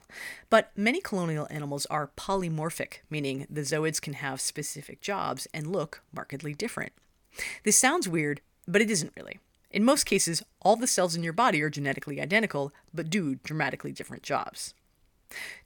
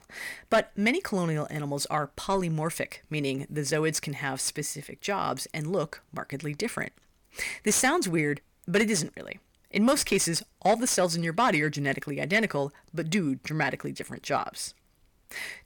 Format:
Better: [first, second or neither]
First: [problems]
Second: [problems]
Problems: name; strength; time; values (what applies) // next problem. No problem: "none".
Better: first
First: none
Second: distortion; slight; 10 dB below the speech